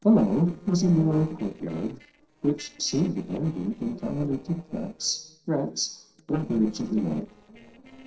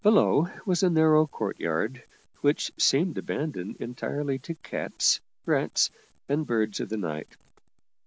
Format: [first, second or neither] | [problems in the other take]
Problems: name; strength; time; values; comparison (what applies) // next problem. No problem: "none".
second | noise reduction (neural separator model SepFormer DNS4)